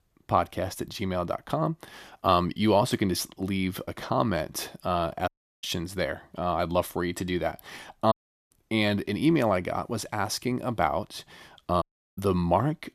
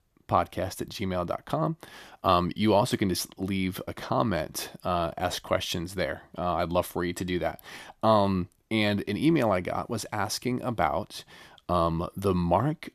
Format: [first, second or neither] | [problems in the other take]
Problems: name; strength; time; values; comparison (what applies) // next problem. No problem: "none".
second | audio cutting out; at 5.5 s, at 8 s and at 12 s